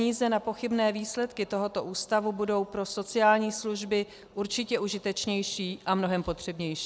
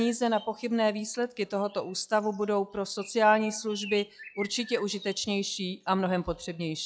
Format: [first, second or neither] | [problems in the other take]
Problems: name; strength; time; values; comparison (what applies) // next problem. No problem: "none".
first | noise reduction (classical method log-MMSE)